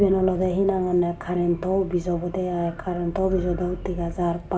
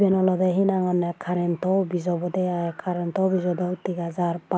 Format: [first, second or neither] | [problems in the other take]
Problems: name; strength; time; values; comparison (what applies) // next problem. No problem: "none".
second | background sound (Engine); 12 dB below the speech // room echo; dies away in 0.4 s